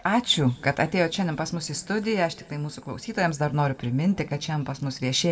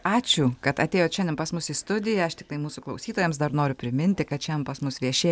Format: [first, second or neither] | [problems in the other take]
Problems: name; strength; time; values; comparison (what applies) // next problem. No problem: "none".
second | room echo; dies away in 1.2 s